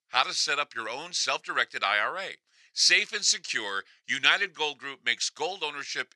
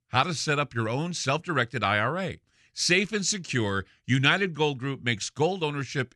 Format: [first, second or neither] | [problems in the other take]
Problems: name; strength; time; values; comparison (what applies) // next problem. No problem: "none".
second | thin; very; fading below 650 Hz